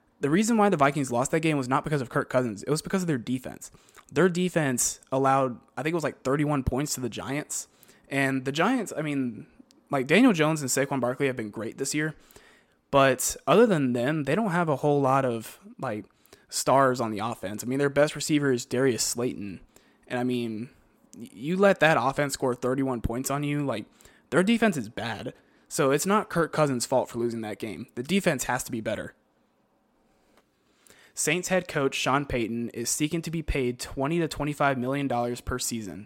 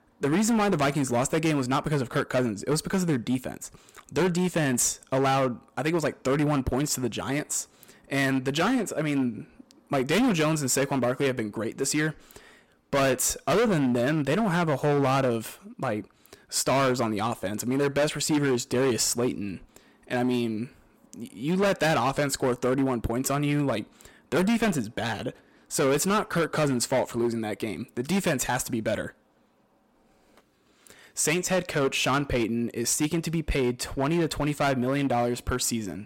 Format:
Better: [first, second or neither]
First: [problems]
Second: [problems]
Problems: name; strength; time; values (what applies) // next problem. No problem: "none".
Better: first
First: none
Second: distortion; heavy; 11% of the sound clipped